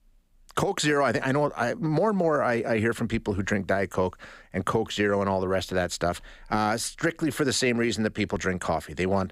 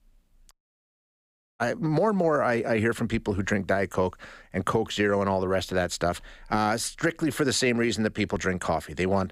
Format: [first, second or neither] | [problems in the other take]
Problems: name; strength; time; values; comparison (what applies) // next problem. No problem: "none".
first | audio cutting out; at 0.5 s for 1 s